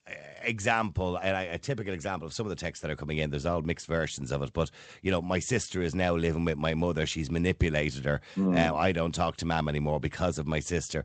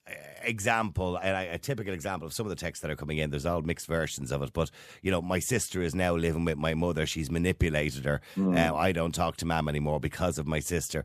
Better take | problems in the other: second | garbled, watery; slightly; nothing above 8 kHz

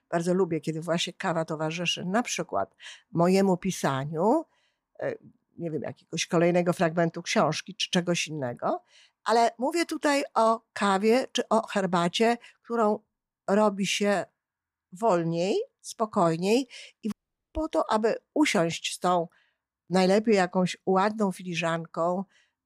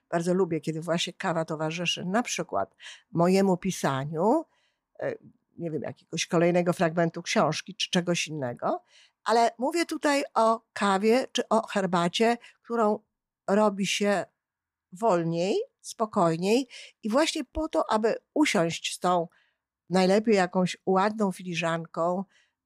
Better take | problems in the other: second | audio cutting out; at 17 s

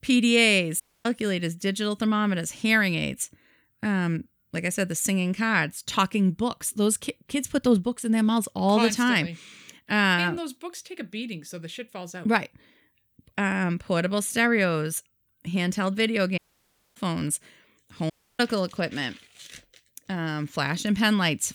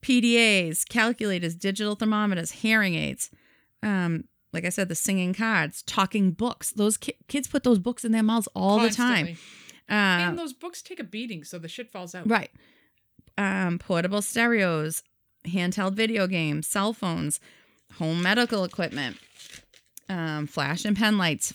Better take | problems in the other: second | audio cutting out; at 1 s, at 16 s for 0.5 s and at 18 s

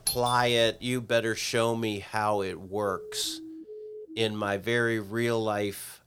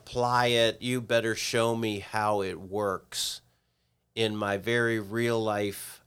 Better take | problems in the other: second | doorbell; noticeable; at the start; peak 2 dB below the speech // siren; faint; from 3 to 4.5 s; peak 15 dB below the speech

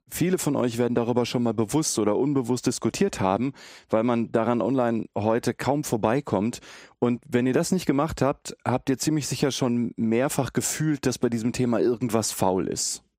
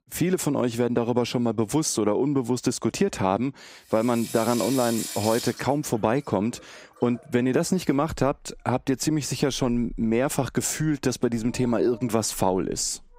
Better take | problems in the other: first | household noises; noticeable; from 4 s on; 10 dB below the speech

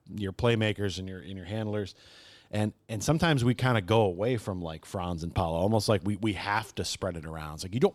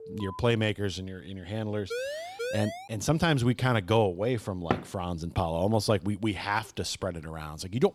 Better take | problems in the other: first | alarm; faint; at the start; peak 15 dB below the speech // siren; noticeable; at 2 s; peak 5 dB below the speech // door banging; noticeable; at 4.5 s; peak 3 dB below the speech

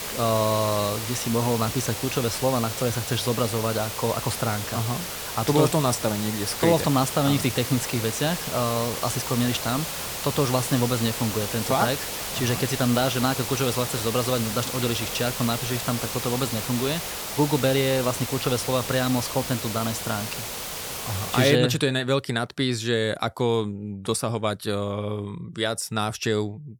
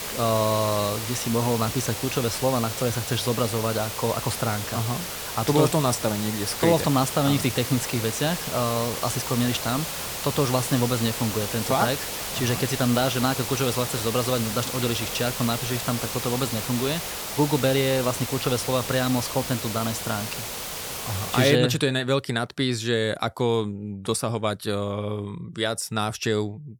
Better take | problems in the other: neither | hiss; loud; until 22 s; 5 dB below the speech; the same in both

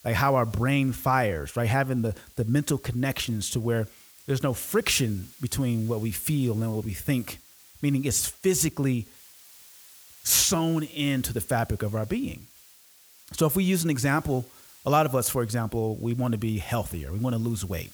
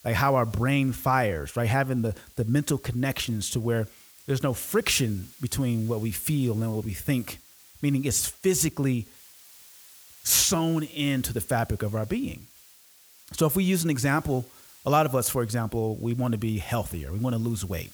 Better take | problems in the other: neither | hiss; faint; throughout; 20 dB below the speech; the same in both

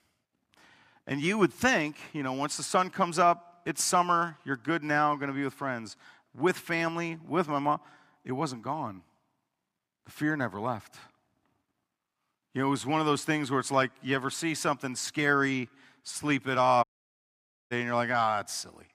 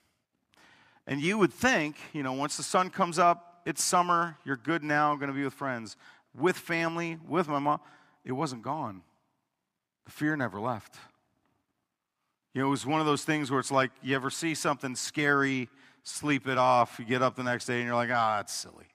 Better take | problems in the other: second | audio cutting out; at 17 s for 1 s

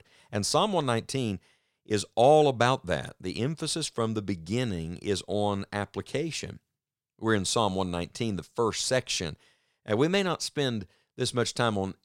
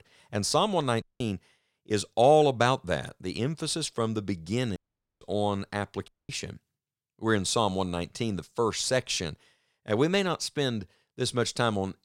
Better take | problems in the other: first | audio cutting out; at 1 s, at 5 s and at 6 s

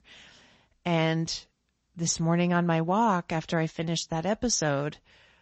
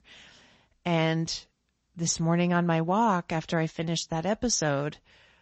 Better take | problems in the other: neither | garbled, watery; slightly; nothing above 7.5 kHz; the same in both

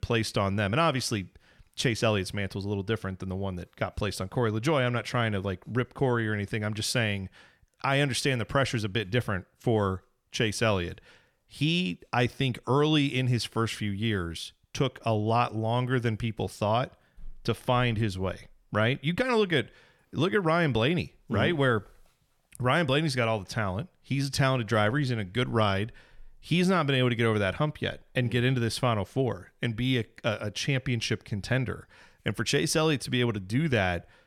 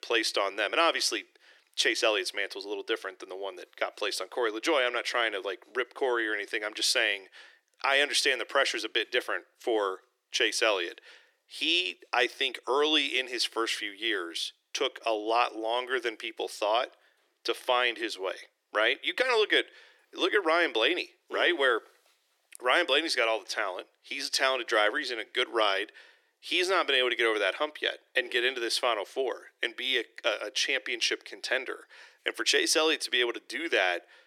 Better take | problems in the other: first | thin; very; fading below 350 Hz

